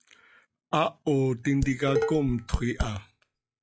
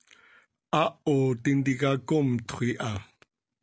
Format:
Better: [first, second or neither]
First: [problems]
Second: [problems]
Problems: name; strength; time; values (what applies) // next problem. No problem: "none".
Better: second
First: noise reduction (classical method log-MMSE)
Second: none